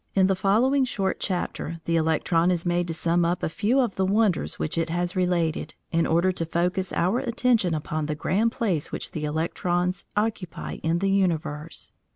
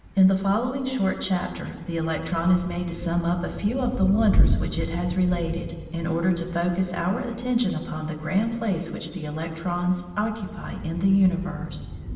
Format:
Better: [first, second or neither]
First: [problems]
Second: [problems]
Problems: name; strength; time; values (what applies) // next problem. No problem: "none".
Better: first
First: none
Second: background sound (Thunder / Rain); 6 dB below the speech // room echo; dies away in 1.2 s